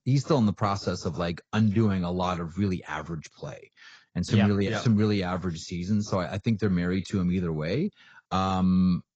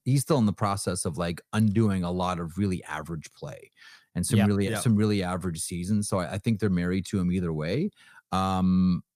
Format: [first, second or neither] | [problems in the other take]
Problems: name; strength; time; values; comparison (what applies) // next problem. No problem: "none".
second | garbled, watery; badly; nothing above 7.5 kHz